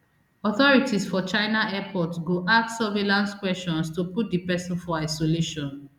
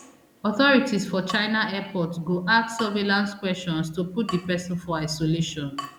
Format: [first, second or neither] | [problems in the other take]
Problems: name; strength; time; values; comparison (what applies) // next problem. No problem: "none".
first | background sound (Drip / Water tap, faucet); 18 dB below the speech